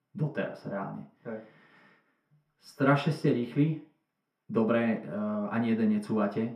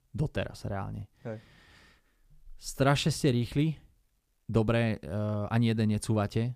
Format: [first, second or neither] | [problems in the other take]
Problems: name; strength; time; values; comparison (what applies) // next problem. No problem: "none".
second | room echo; slight; dies away in 0.5 s // off-mic speech; far